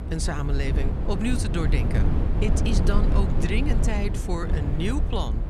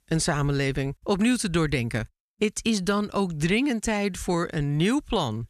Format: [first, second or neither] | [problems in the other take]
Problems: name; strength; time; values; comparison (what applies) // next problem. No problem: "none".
second | low rumble; loud; throughout; 4 dB below the speech